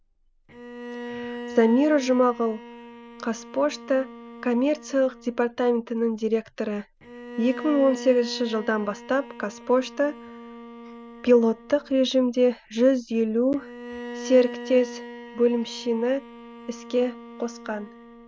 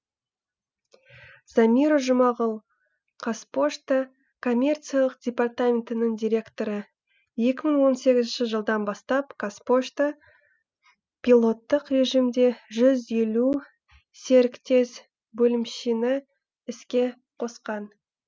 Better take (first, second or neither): second